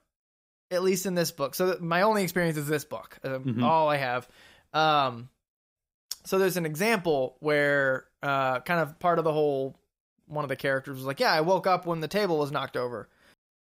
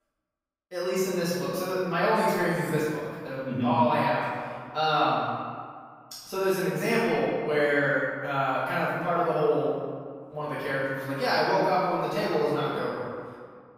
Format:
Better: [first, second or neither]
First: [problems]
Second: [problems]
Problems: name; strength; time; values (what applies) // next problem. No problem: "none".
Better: first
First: none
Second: off-mic speech; far // room echo; strong; dies away in 1.7 s